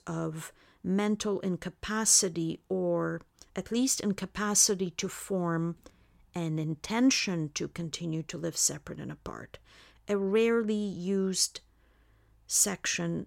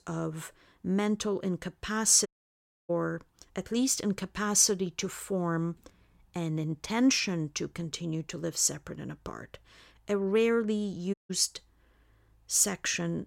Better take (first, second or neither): first